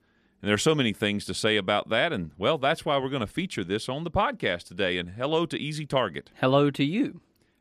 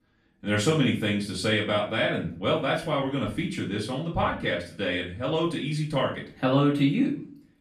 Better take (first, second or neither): first